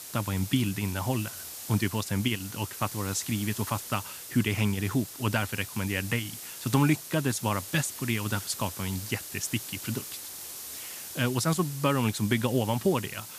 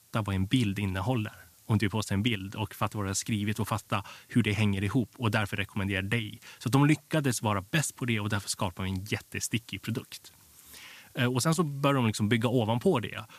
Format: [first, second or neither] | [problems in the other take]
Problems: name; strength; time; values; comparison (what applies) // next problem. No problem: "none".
second | hiss; loud; throughout; 9 dB below the speech; faint in the second